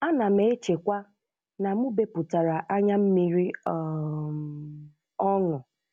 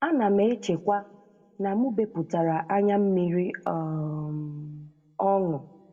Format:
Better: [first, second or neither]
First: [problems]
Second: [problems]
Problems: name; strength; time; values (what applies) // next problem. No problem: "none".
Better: first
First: none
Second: room echo; dies away in 0.8 s